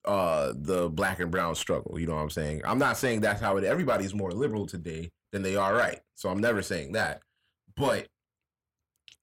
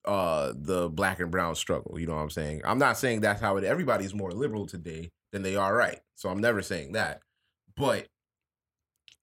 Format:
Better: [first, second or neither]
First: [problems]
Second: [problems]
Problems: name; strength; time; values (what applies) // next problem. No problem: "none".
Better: second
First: distortion; slight; 10 dB below the speech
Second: none